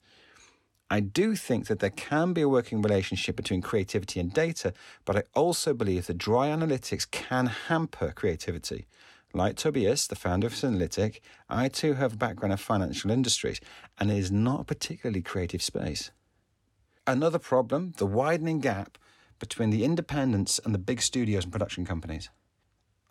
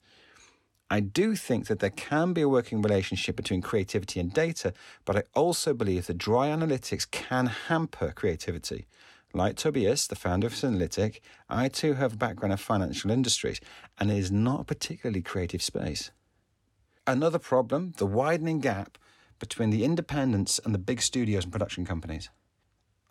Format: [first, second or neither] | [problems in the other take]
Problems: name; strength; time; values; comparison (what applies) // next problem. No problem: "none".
neither | none